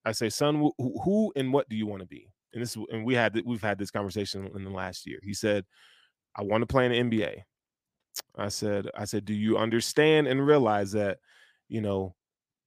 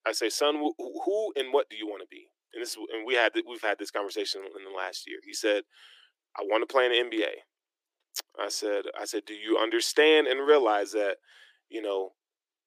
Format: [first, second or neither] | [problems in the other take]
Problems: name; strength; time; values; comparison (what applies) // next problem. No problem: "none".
first | thin; very; fading below 300 Hz